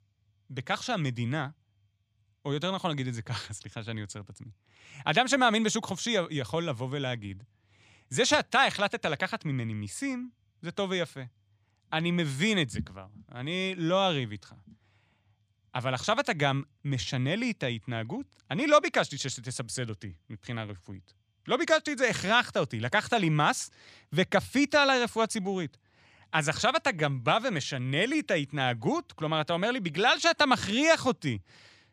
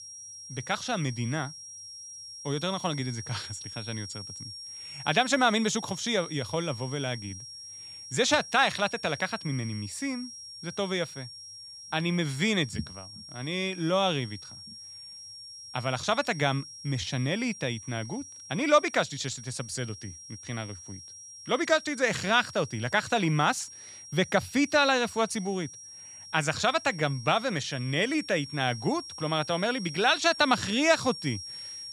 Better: first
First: none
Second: high-pitched whine; noticeable; throughout; 5.5 kHz, 15 dB below the speech

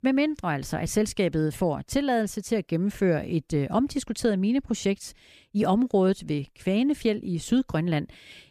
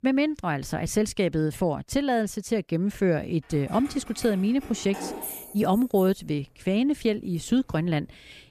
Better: first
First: none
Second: jangling keys; noticeable; from 3.5 to 8 s; peak 7 dB below the speech

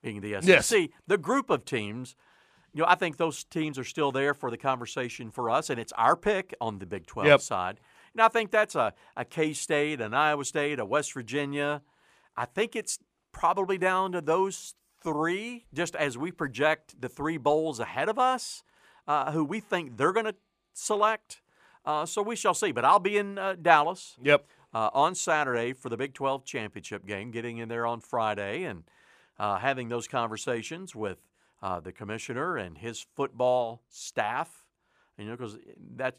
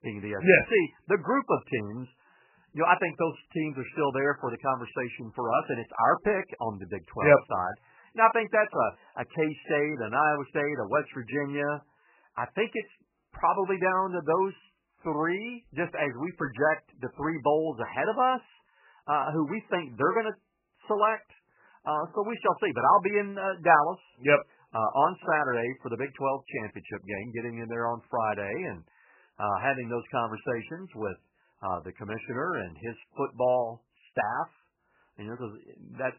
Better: first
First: none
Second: garbled, watery; badly; nothing above 3 kHz

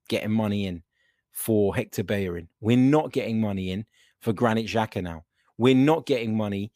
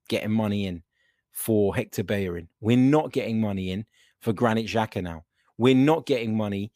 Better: neither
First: none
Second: none

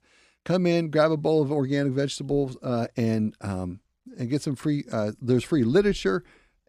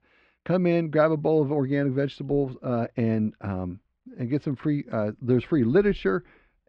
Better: first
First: none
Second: muffled; slightly; fading above 3 kHz

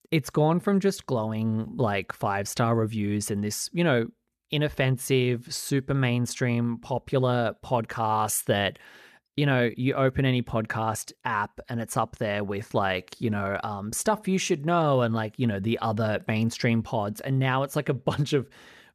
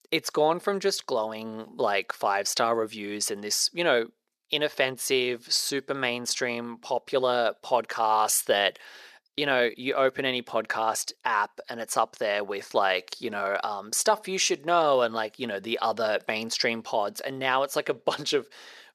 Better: first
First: none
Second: thin; very; fading below 500 Hz

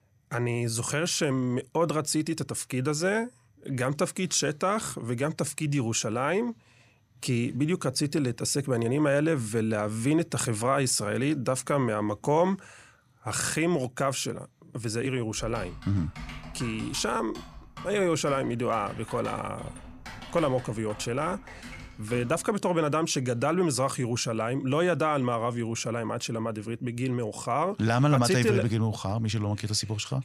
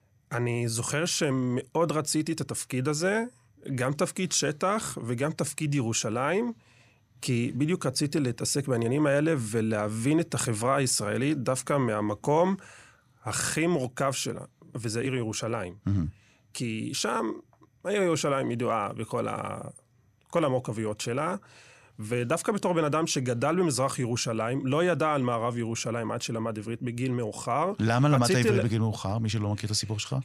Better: second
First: keyboard typing; faint; from 15 to 23 s; peak 15 dB below the speech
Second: none

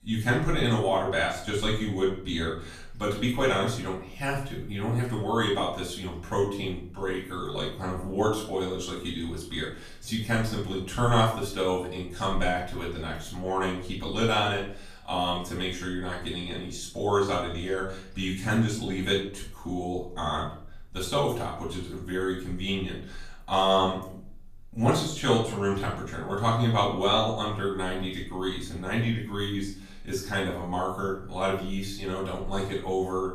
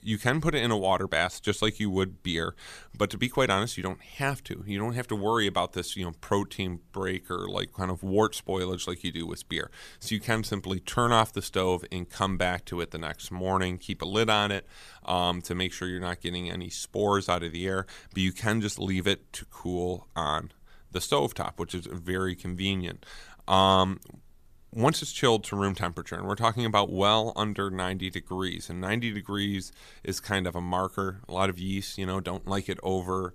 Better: second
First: off-mic speech; far // room echo; noticeable; dies away in 0.5 s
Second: none

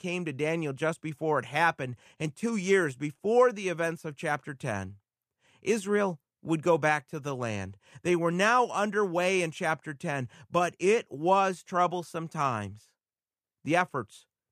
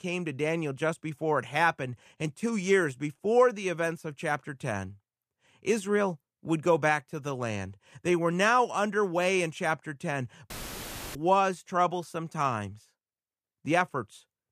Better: first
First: none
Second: audio cutting out; filled with static; at 11 s for 0.5 s

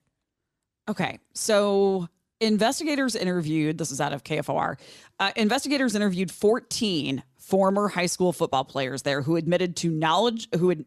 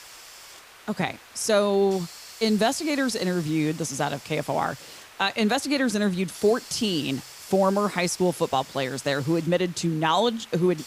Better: first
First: none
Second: hiss; noticeable; throughout; 20 dB below the speech

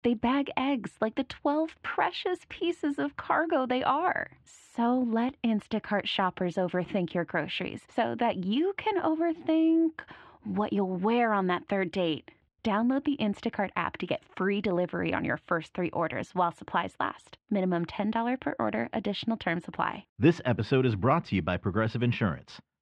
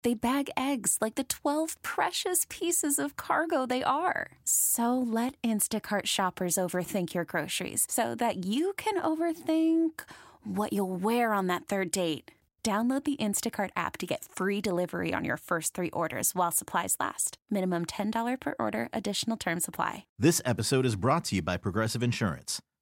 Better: second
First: muffled; very; fading above 3 kHz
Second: none

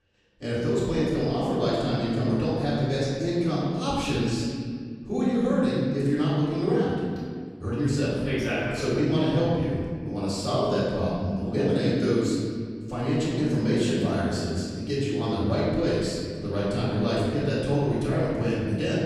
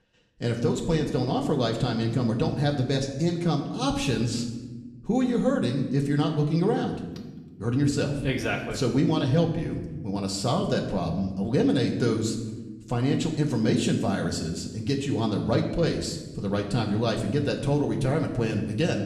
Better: second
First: room echo; strong; dies away in 1.9 s // off-mic speech; far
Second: room echo; slight; dies away in 1 s // off-mic speech; somewhat distant

